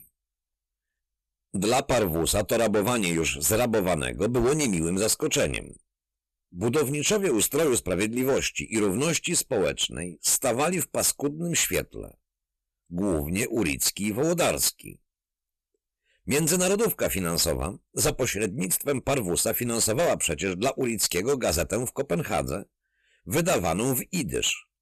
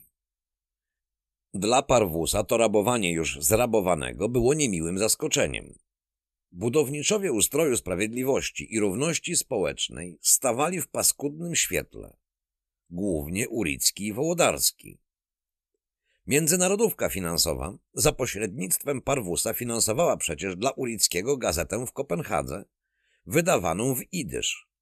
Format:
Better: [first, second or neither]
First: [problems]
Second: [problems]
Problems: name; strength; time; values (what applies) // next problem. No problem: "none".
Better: second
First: distortion; heavy; 10% of the sound clipped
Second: none